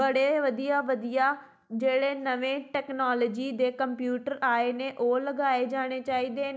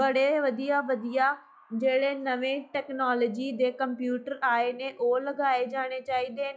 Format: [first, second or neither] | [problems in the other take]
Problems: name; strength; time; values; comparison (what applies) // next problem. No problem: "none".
first | noise reduction (classical method log-MMSE)